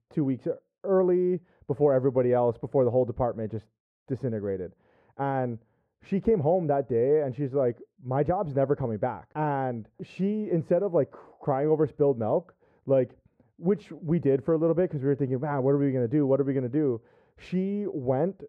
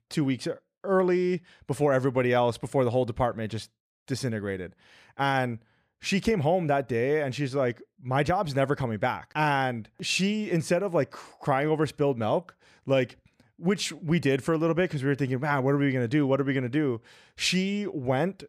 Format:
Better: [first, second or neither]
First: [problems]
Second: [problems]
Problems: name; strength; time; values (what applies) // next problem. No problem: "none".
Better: second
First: muffled; very; fading above 2 kHz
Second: none